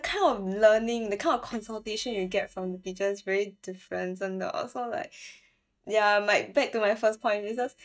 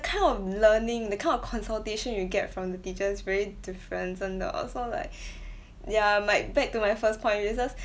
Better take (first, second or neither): second